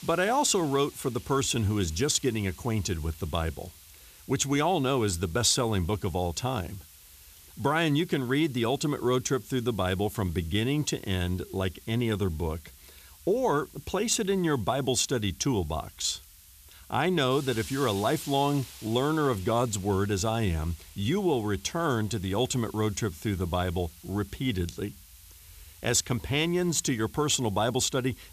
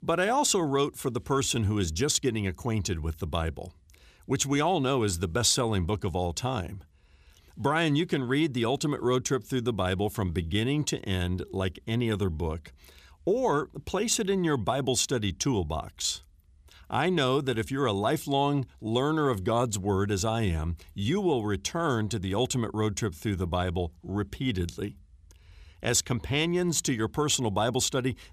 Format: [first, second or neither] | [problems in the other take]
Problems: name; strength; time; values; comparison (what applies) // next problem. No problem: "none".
second | hiss; faint; throughout; 20 dB below the speech